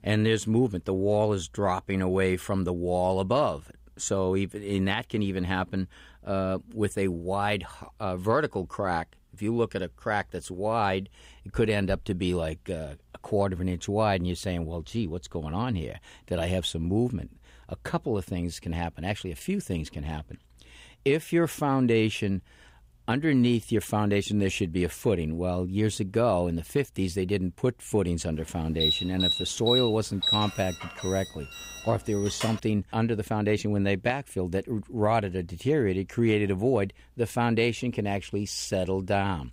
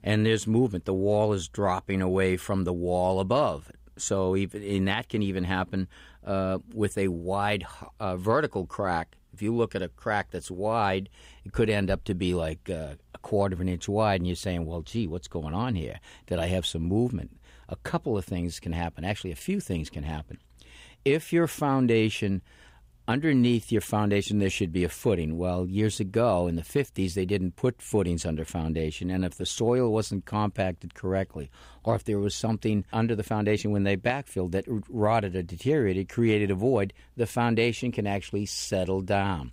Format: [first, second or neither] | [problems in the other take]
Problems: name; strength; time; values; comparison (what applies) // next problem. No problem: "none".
second | alarm; loud; from 29 to 33 s; peak 3 dB above the speech